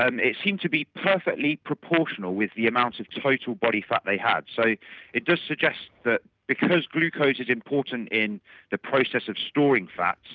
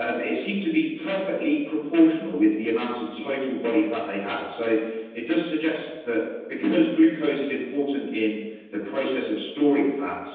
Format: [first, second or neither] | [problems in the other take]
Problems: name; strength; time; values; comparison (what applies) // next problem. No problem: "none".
first | room echo; dies away in 1.1 s